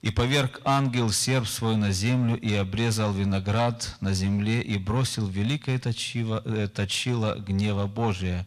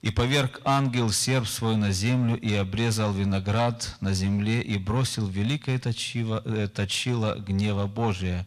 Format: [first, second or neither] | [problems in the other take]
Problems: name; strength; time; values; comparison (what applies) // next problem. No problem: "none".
neither | distortion; slight; 10 dB below the speech; the same in both